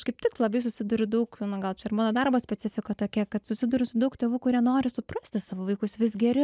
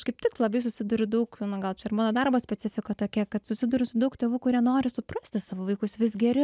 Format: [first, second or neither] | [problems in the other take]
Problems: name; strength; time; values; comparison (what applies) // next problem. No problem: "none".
second | noise reduction (neural mask model Resemble Enhance denoiser)